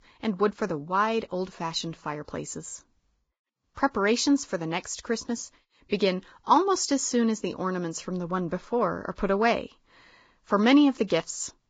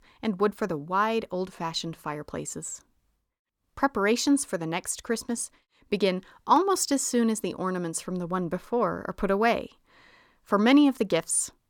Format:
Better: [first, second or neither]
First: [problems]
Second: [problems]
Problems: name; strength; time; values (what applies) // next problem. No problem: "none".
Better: second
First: garbled, watery; badly; nothing above 7.5 kHz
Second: none